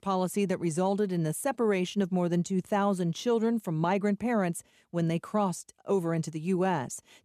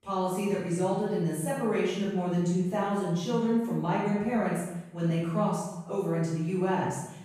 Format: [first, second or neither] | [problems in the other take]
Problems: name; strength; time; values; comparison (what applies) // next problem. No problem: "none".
first | off-mic speech; far // room echo; strong; dies away in 0.8 s